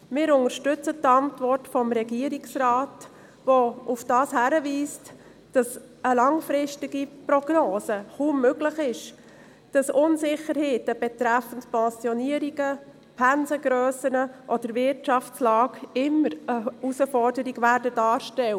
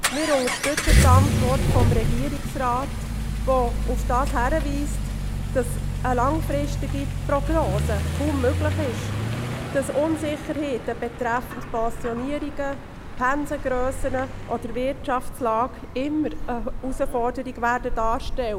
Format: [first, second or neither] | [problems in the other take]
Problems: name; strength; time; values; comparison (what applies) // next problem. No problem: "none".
first | background sound (Accelerating, revving, vroom); 1 dB above the speech